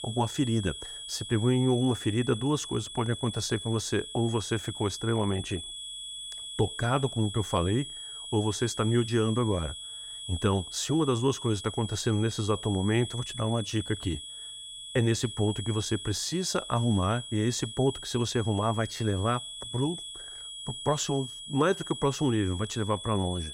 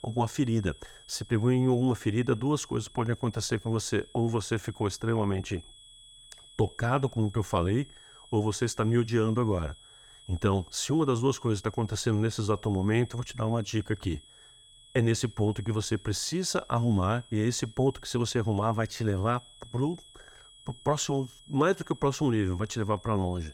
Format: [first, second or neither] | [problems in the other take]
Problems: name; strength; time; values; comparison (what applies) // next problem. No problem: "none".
second | high-pitched whine; loud; throughout; 3.5 kHz, 9 dB below the speech; faint in the second